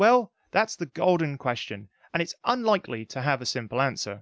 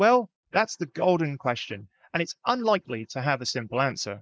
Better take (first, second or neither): first